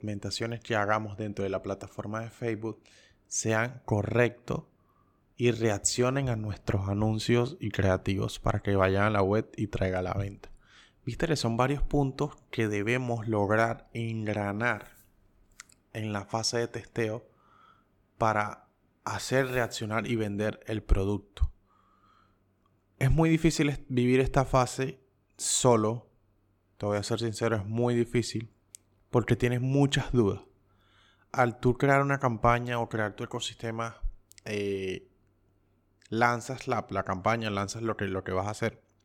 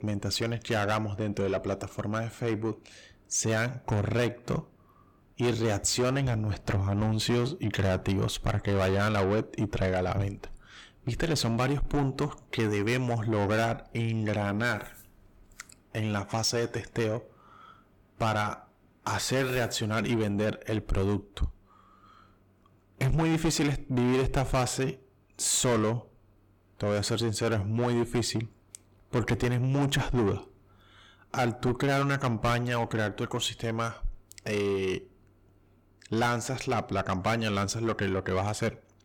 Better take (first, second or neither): first